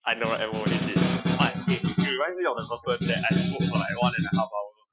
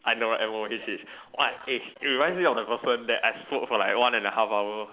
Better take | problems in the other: second | noise reduction (classical method Wiener filter)

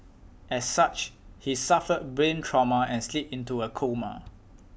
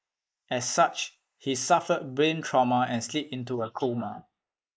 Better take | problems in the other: first | noise reduction (neural mask model Resemble Enhance denoiser)

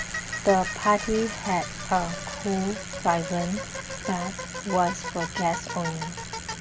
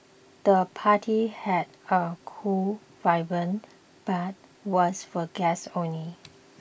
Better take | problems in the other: second | background sound (Bicycle); 6 dB below the speech

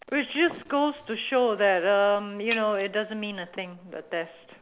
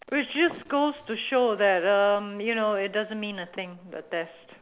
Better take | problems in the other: second | background sound (Shatter); 17 dB below the speech

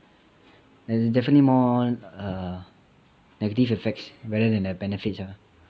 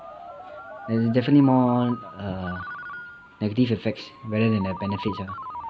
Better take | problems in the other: first | background sound (Ringtone); 14 dB below the speech

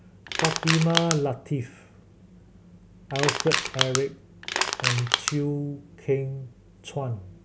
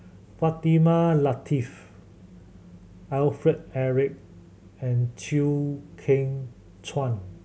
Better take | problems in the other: second | background sound (Crushing); 1 dB above the speech

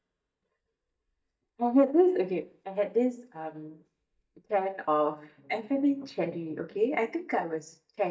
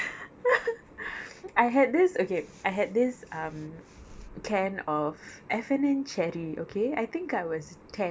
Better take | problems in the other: second | noise reduction (neural mask model DeepFilterNet 3)

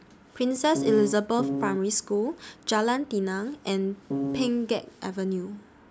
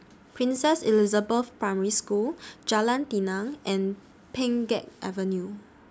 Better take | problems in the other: second | background sound (Piano); 1 dB below the speech

